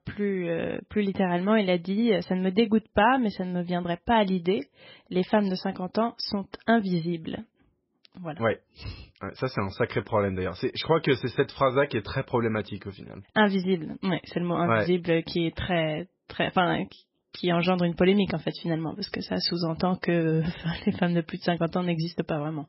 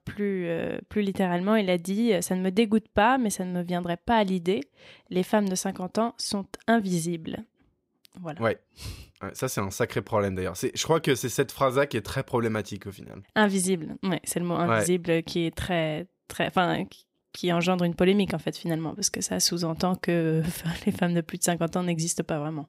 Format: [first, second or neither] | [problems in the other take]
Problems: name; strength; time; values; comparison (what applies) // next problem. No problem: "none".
second | garbled, watery; badly; nothing above 5.5 kHz